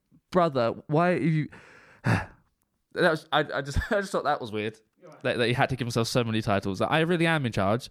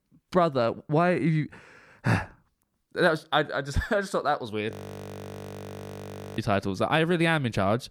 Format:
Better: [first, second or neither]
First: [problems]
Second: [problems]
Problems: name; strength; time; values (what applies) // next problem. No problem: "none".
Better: first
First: none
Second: audio freezing; at 4.5 s for 1.5 s